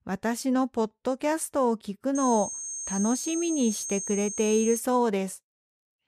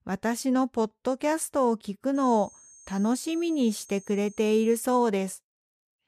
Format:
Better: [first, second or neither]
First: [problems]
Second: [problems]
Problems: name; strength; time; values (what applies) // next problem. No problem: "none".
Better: second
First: high-pitched whine; loud; from 2 to 5 s; 6.5 kHz, 6 dB below the speech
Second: high-pitched whine; faint; from 2 to 5 s; 6.5 kHz, 25 dB below the speech